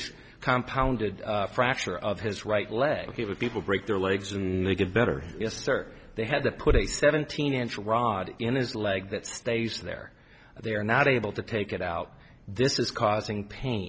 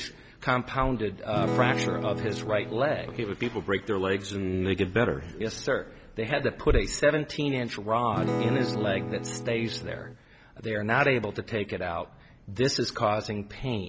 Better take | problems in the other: first | background sound (Acoustic guitar / Strum); 3 dB below the speech

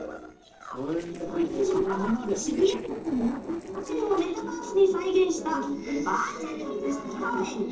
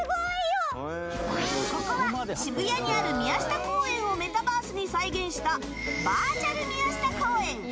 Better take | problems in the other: second | noise reduction (neural separator model SepFormer DNS4)

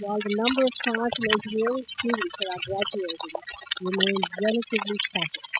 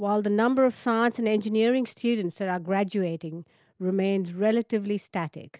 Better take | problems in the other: second | noise reduction (classical method spectral subtraction)

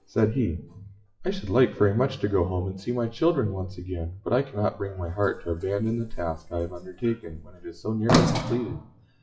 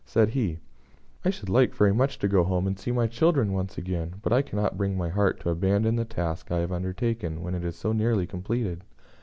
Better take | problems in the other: second | noise reduction (classical method WPE with log-MMSE)

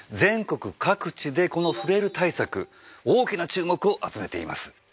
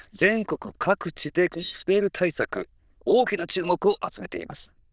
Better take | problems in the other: first | noise reduction (neural diffusion model UNIVERSE++)

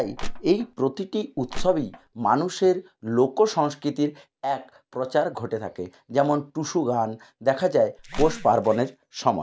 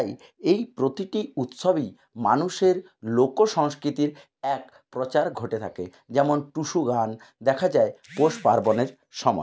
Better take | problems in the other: second | background sound (Crushing); 6 dB below the speech

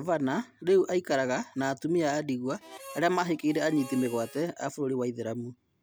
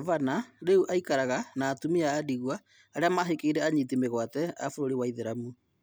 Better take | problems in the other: second | background sound (Harmonica); 18 dB below the speech

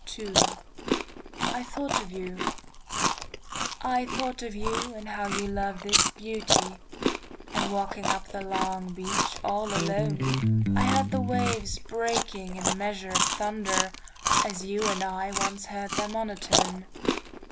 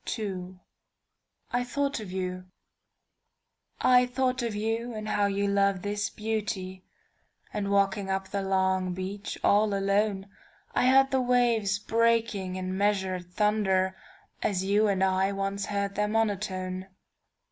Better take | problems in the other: second | background sound (Electric guitar + Chewing, mastication); 3 dB above the speech

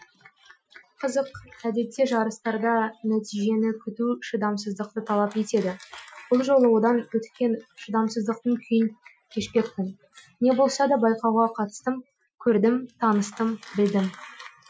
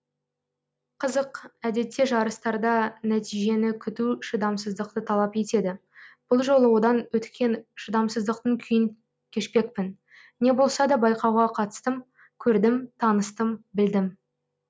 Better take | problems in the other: second | noise reduction (classical method Wiener filter)

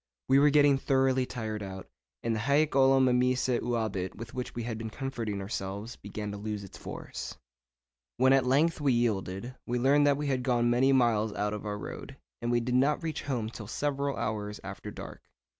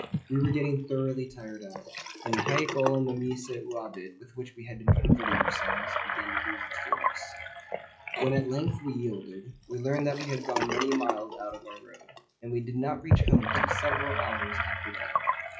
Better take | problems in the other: first | noise reduction (classical method WPE with log-MMSE)

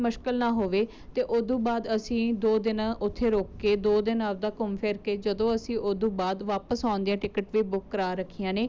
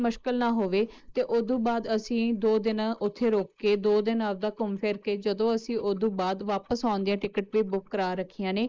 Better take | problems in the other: first | noise reduction (neural mask model Resemble Enhance denoiser)

